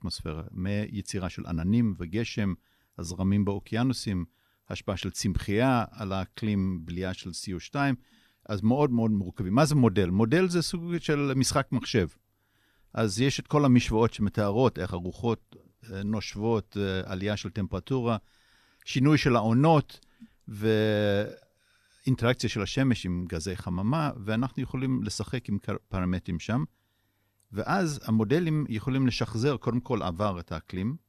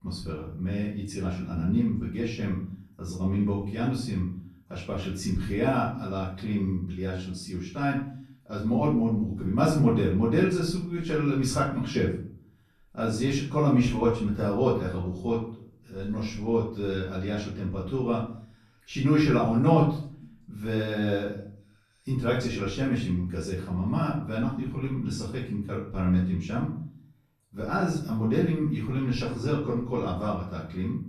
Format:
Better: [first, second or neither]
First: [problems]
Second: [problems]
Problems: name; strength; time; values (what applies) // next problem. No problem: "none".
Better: first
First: none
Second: off-mic speech; far // room echo; noticeable; dies away in 0.5 s